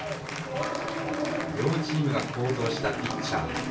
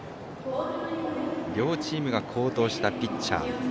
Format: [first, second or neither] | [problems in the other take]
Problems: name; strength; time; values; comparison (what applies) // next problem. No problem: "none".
second | background sound (Applause / Cheering); 8 dB below the speech // room echo; dies away in 0.3 s